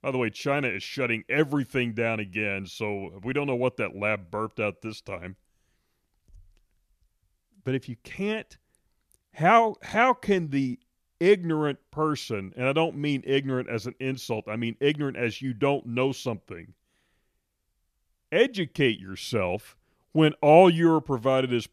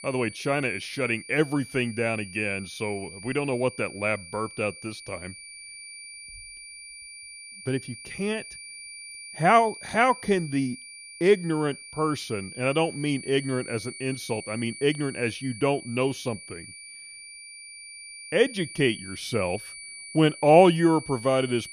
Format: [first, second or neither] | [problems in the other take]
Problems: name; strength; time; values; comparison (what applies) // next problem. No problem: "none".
first | high-pitched whine; noticeable; throughout; 2.5 kHz, 15 dB below the speech